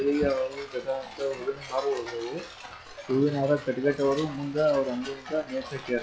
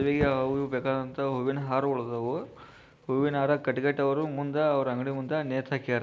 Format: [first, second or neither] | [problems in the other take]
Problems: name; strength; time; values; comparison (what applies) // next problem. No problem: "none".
second | noise reduction (classical method log-MMSE)